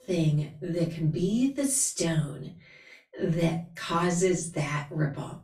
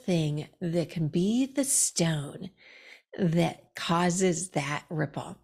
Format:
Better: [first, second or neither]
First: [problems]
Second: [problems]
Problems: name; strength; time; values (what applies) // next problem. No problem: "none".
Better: second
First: off-mic speech; far // room echo; very slight; dies away in 0.3 s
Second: none